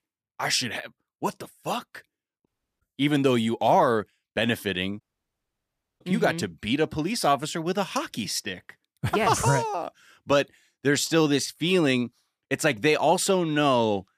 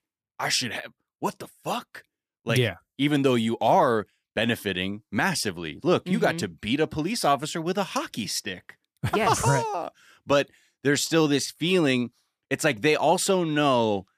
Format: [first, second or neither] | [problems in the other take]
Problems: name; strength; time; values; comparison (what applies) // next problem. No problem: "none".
second | audio cutting out; at 2.5 s and at 5 s for 1 s